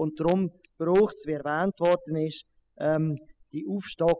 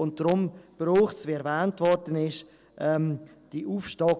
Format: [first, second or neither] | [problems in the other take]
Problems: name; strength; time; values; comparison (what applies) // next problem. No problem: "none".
second | noise reduction (classical method spectral subtraction)